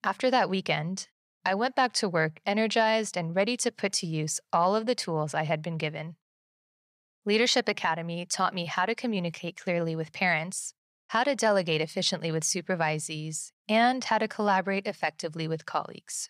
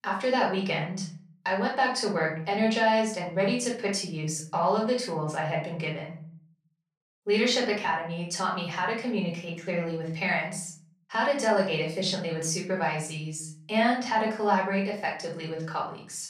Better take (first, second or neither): first